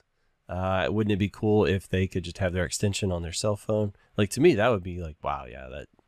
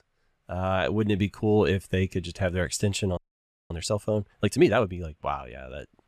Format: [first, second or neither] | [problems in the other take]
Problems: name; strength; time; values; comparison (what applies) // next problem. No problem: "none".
first | audio freezing; at 3 s for 0.5 s